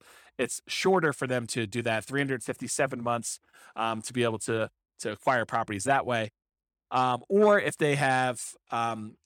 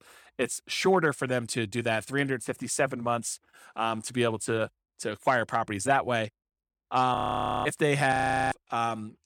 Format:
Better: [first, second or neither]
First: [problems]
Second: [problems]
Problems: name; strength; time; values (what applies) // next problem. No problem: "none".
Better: first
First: none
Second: audio freezing; at 7 s for 0.5 s and at 8 s